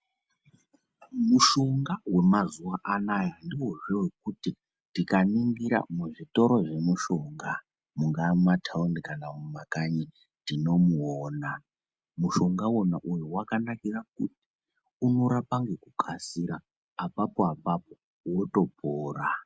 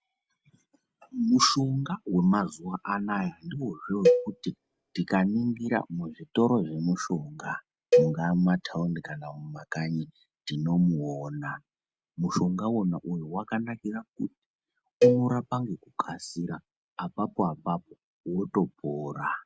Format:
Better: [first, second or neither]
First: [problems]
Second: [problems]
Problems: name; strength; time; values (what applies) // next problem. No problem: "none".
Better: first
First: none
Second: background sound (Cowbell); 1 dB above the speech